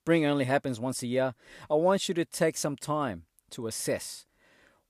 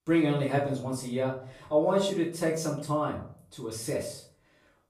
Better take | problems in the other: first | off-mic speech; far // room echo; slight; dies away in 0.5 s

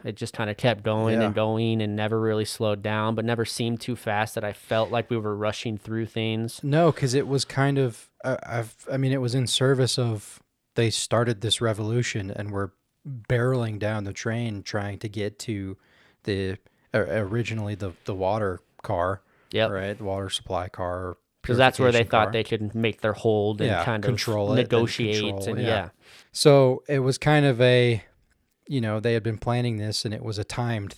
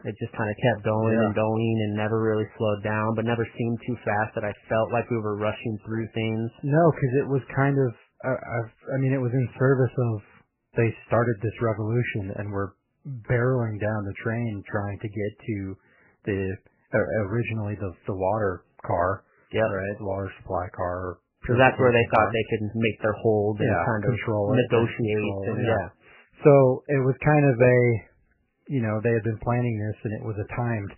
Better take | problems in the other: first | garbled, watery; badly; nothing above 3 kHz

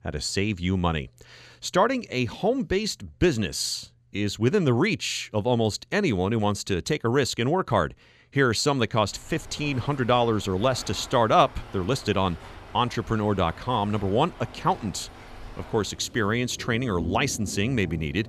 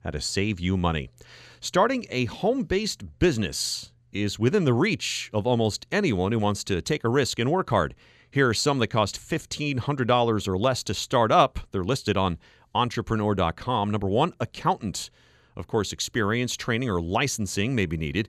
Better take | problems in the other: second | rain or running water; noticeable; from 9.5 s on; 15 dB below the speech

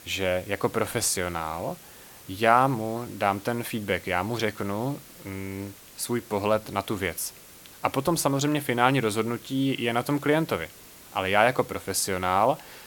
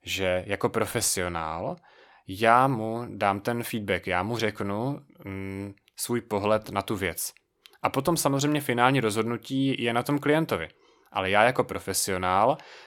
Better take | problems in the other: second | hiss; noticeable; throughout; 20 dB below the speech

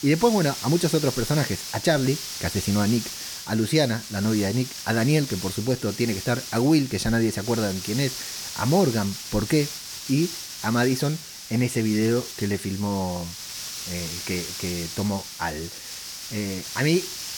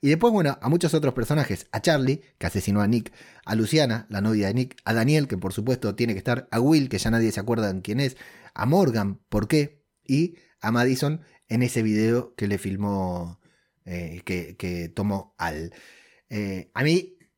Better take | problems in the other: second | hiss; loud; throughout; 8 dB below the speech

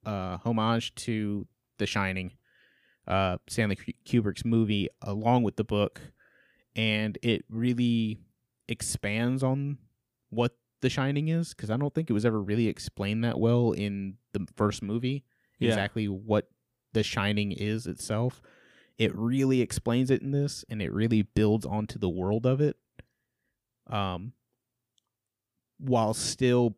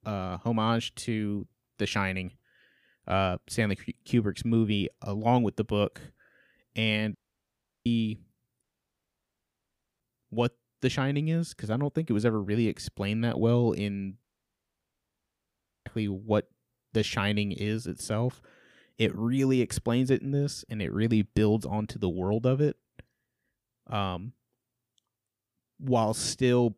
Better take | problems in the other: first | audio cutting out; at 7 s for 0.5 s, at 8.5 s for 1.5 s and at 14 s for 1.5 s

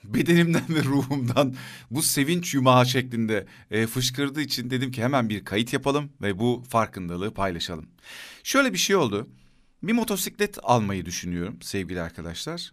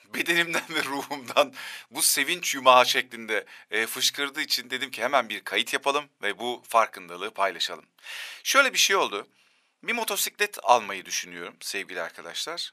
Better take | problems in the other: first | thin; very; fading below 700 Hz

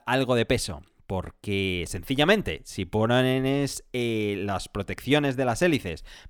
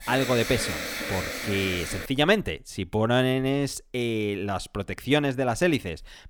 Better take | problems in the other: first | alarm; noticeable; until 2 s; peak 4 dB below the speech

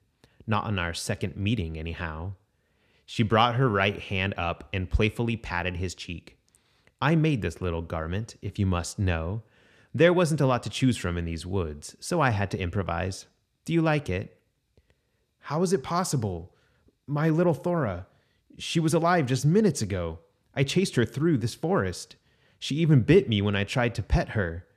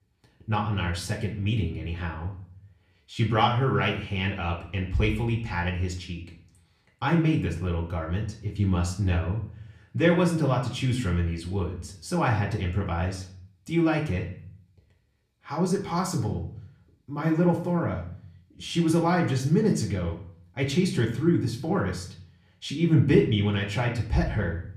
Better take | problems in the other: first | off-mic speech; far // room echo; slight; dies away in 0.5 s

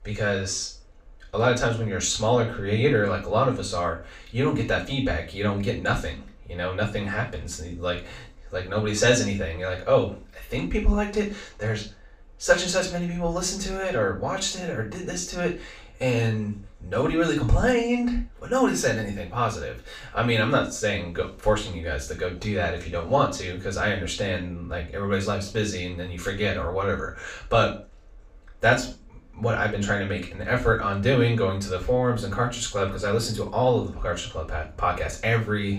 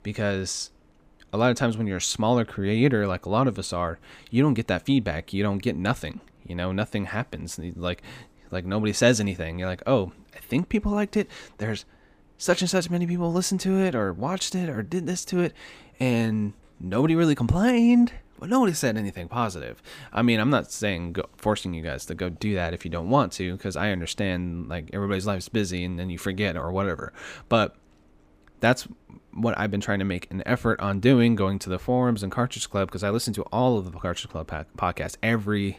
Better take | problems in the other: second | room echo; slight; dies away in 0.3 s // off-mic speech; far

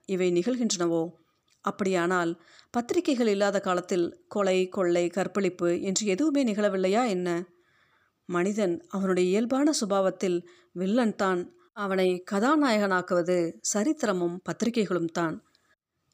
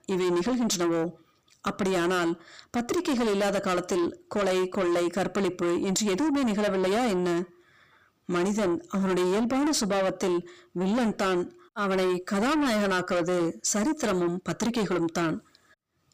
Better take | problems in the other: first | distortion; heavy; 7 dB below the speech

